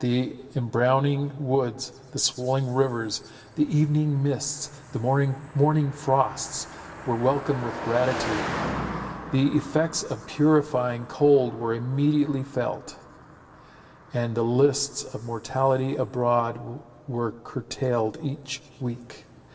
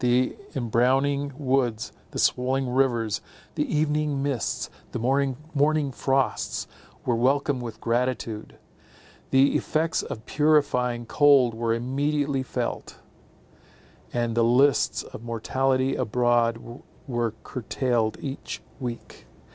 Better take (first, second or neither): second